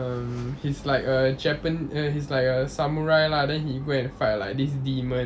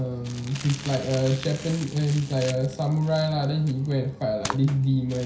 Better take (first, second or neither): first